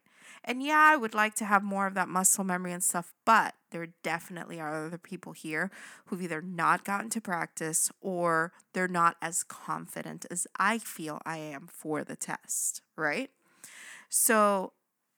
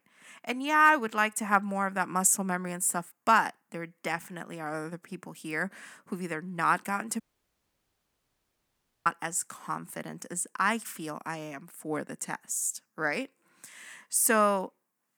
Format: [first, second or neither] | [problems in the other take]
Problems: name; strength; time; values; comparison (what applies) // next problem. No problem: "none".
first | audio cutting out; at 7 s for 2 s